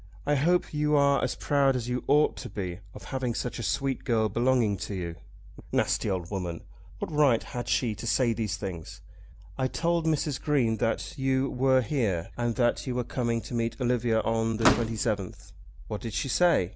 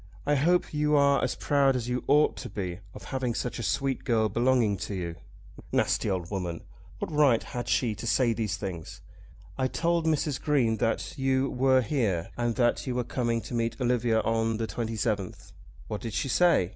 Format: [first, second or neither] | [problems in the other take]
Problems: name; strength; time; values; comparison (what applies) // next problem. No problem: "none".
second | background sound (Slam / Microwave oven); 1 dB below the speech